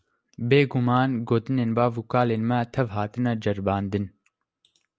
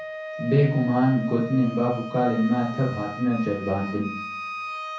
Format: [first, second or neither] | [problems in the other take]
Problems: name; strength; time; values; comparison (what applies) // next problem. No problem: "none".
first | background sound (Wind instrument, woodwind instrument); 11 dB below the speech // room echo; dies away in 0.6 s